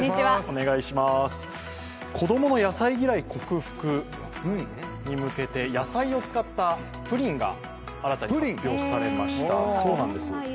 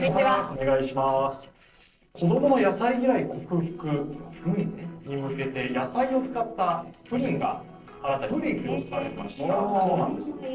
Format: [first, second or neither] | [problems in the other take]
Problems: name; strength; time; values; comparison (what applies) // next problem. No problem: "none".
first | noise reduction (neural separator model SepFormer DNS4)